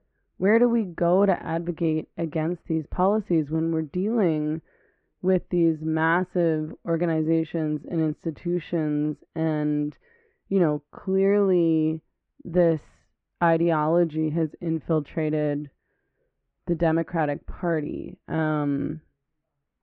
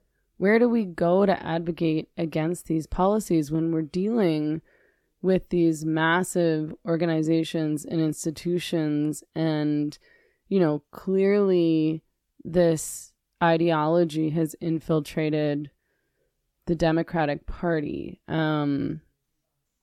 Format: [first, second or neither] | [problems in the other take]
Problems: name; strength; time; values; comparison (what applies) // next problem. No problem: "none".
second | muffled; very; fading above 2 kHz